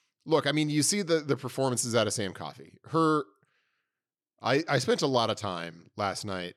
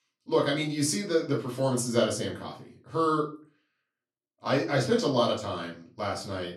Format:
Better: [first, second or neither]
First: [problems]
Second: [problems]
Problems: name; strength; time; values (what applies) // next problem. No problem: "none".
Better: first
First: none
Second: off-mic speech; far // room echo; slight; dies away in 0.3 s